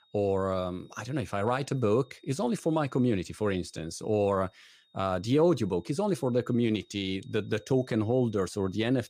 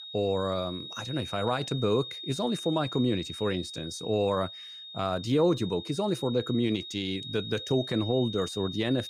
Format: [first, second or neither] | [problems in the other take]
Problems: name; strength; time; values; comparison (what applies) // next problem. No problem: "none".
first | high-pitched whine; loud; throughout; 3.5 kHz, 9 dB below the speech; faint in the first